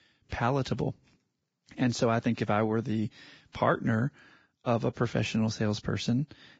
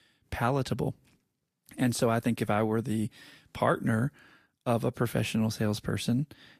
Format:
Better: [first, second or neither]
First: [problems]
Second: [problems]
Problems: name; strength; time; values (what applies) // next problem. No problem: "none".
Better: second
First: garbled, watery; badly; nothing above 7.5 kHz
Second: garbled, watery; slightly; nothing above 14.5 kHz